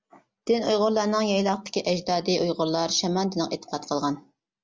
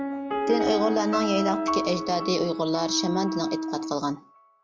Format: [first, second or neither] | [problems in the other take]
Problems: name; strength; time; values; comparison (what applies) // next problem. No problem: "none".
first | background sound (Wind instrument, woodwind instrument + Piano); 2 dB below the speech